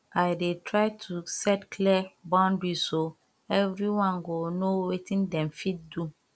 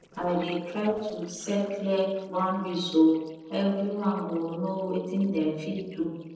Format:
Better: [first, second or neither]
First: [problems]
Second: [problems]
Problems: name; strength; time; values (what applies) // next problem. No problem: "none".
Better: first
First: none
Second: noise reduction (neural separator model SepFormer DNS4)